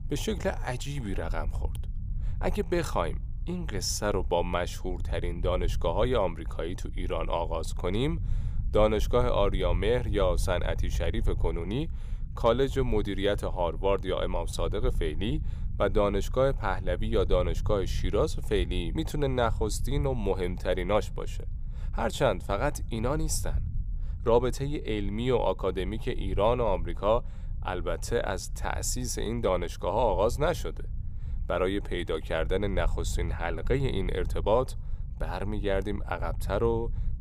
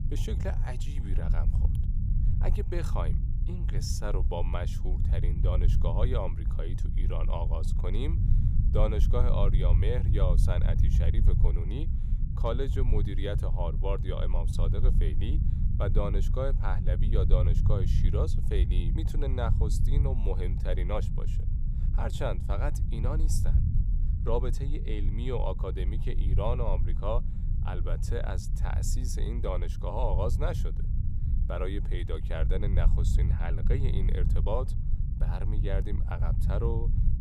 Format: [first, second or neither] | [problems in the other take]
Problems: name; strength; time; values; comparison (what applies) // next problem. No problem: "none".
first | low rumble; loud; throughout; 8 dB below the speech; faint in the first